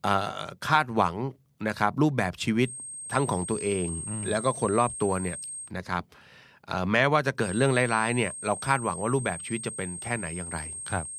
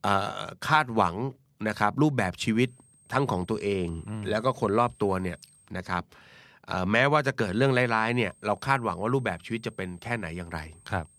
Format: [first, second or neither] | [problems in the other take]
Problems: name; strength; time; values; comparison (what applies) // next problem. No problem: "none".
second | high-pitched whine; loud; from 2.5 to 5.5 s and from 7.5 s on; 8.5 kHz, 8 dB below the speech; faint in the second